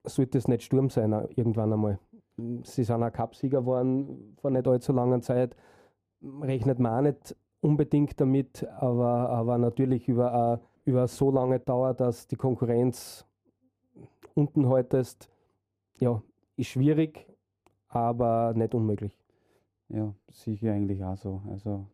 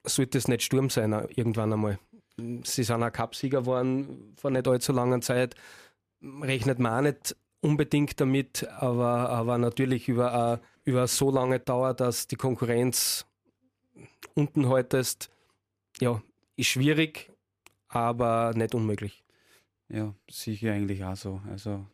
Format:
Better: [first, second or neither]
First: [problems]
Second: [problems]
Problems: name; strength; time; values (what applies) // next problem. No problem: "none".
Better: second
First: muffled; very; fading above 1 kHz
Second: none